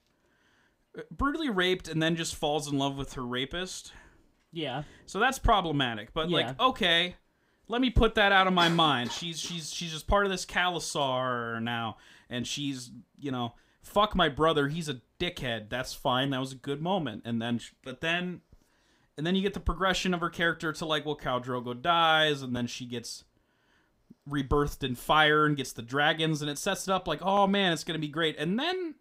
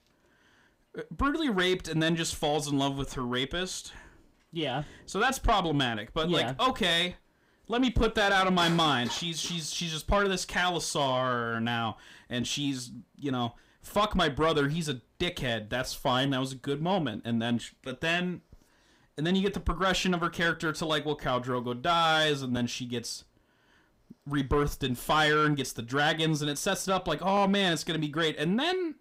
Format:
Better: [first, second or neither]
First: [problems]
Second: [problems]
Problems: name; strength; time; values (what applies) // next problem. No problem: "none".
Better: first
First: none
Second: distortion; slight; 10 dB below the speech